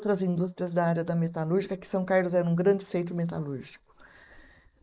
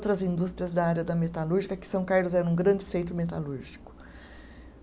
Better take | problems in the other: second | noise reduction (neural mask model Resemble Enhance denoiser)

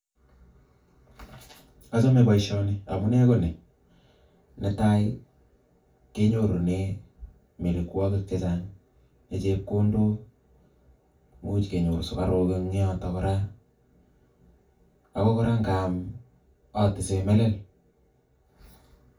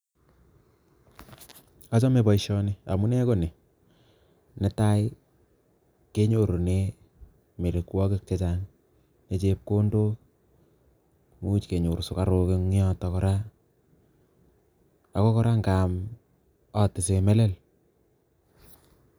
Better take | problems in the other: second | room echo; dies away in 0.2 s

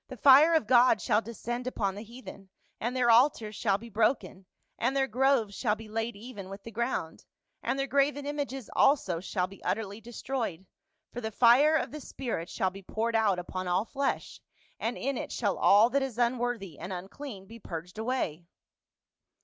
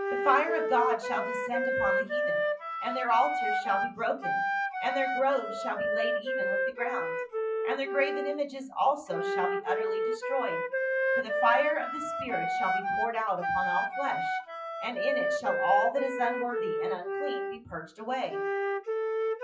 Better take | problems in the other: first | noise reduction (classical method WPE with log-MMSE)

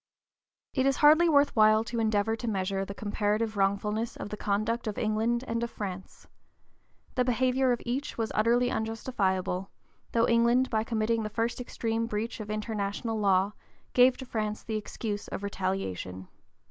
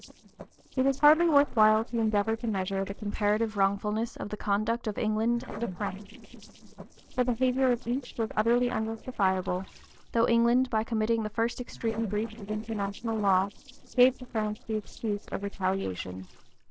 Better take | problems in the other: first | noise reduction (neural separator model SepFormer DNS4)

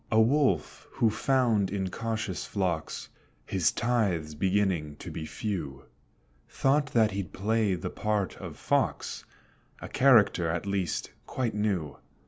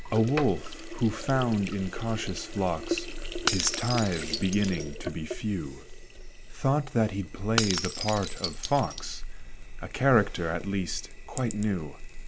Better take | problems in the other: first | background sound (Sink (filling or washing) + Shatter / Crushing); 6 dB below the speech

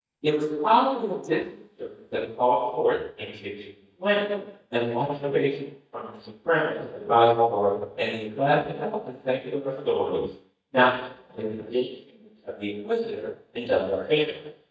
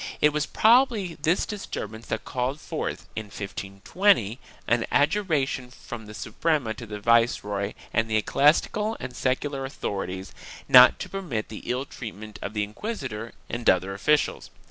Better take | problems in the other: second | noise reduction (neural mask model DeepFilterNet 3)

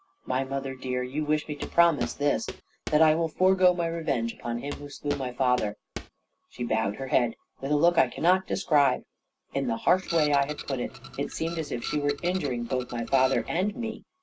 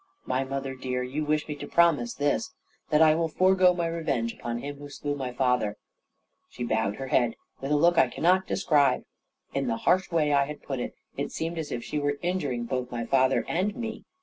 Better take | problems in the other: second | background sound (Printer + Walk, footsteps); 13 dB below the speech

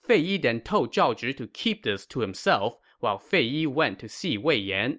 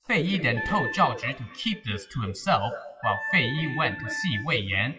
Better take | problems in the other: first | noise reduction (classical method WPE with log-MMSE)

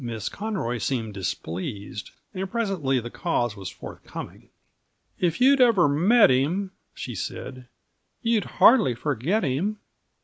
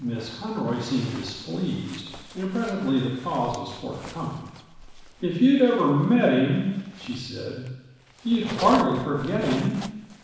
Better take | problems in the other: first | background sound (Zipper (clothing)); 17 dB below the speech // room echo; dies away in 1.1 s

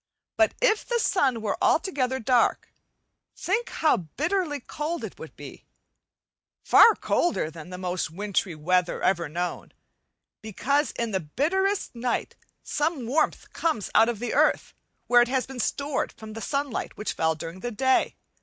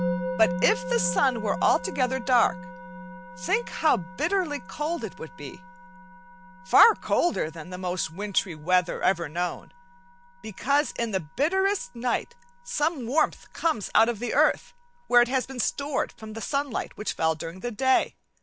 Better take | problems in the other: first | background sound (Musical instrument); 12 dB below the speech

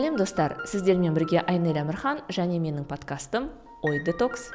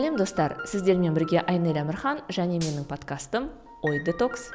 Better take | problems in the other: first | background sound (Gunshot, gunfire); 19 dB below the speech

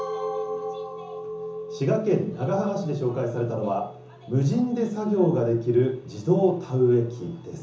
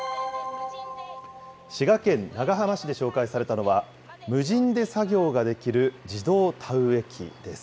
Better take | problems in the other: second | background sound (Chink, clink); 14 dB below the speech // room echo; dies away in 0.7 s

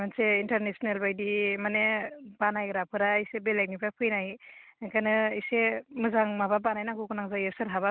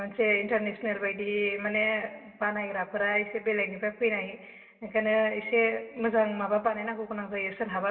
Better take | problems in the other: first | room echo; dies away in 1.2 s

